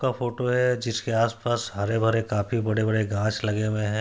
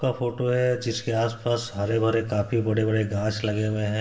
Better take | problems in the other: first | room echo; dies away in 2.8 s

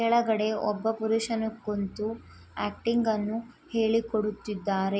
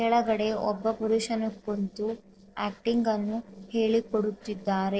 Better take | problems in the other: first | noise reduction (neural separator model SepFormer DNS4)

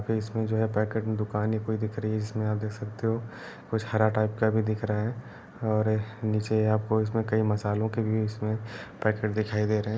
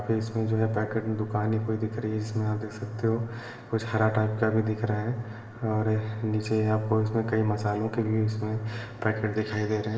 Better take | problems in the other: first | room echo; dies away in 2.7 s

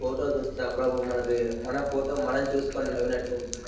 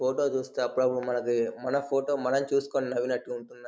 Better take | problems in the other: second | background sound (Drip); 13 dB below the speech // room echo; dies away in 0.9 s

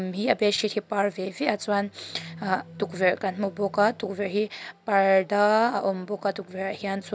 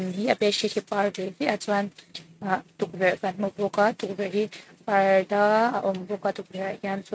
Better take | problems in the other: first | noise reduction (neural mask model RNNoise)

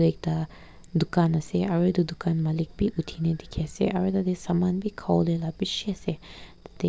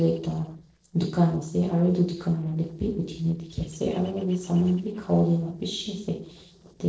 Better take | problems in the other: first | noise reduction (neural separator model SepFormer DNS4)

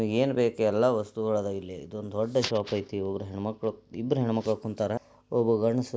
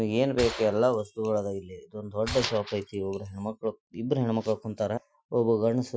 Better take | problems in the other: first | noise reduction (classical method Wiener filter)

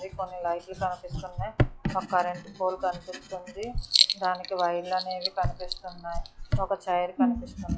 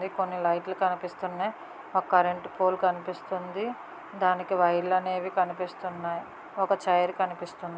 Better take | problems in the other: second | noise reduction (classical method log-MMSE)

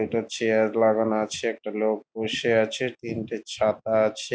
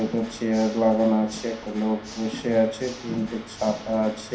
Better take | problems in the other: first | background sound (Water / Mechanisms); 17 dB below the speech // room echo; dies away in 0.5 s

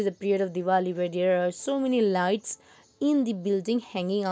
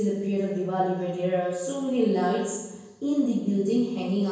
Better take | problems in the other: first | room echo; dies away in 1 s

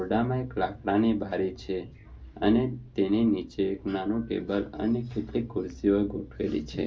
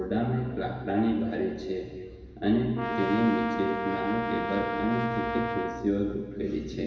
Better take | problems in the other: first | background sound (Brass instrument); 3 dB below the speech // room echo; dies away in 1.6 s

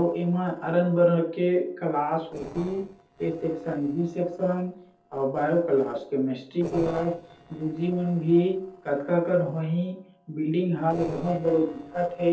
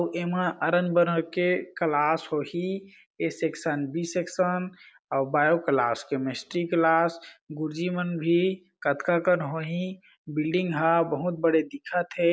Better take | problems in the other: second | noise reduction (neural separator model SepFormer DNS4)

